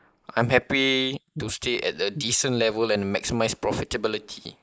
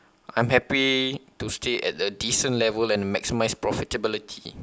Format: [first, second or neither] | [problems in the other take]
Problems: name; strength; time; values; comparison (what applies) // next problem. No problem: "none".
second | noise reduction (neural mask model Resemble Enhance denoiser)